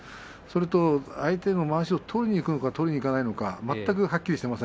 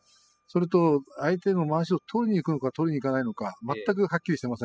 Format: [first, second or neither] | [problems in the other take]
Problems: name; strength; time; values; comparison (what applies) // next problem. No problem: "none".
first | noise reduction (classical method spectral subtraction)